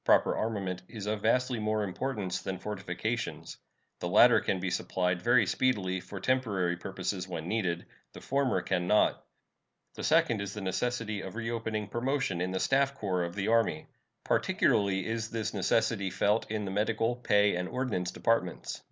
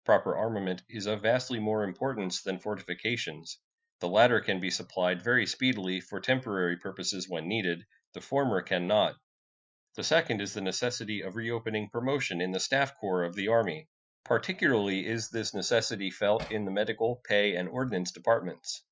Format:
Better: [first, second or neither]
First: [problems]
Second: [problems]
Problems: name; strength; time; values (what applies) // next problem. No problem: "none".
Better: first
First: none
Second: noise reduction (classical method Wiener filter)